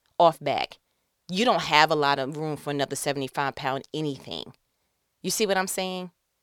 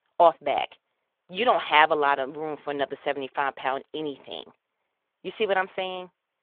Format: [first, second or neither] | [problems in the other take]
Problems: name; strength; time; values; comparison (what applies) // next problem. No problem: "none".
first | phone-call audio